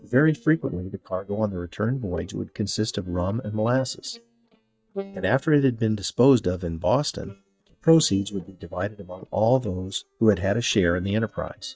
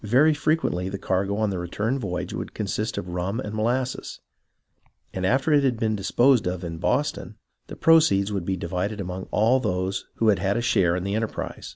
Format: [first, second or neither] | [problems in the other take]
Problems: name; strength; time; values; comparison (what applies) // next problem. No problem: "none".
second | noise reduction (neural mask model DeepFilterNet 3)